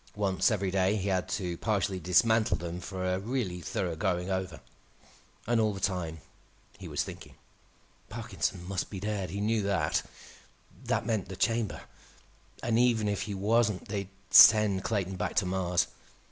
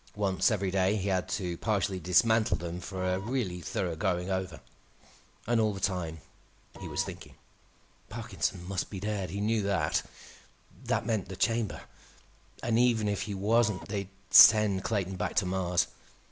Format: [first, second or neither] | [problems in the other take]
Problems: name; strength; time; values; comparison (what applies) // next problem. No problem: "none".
first | background sound (Printer); 12 dB below the speech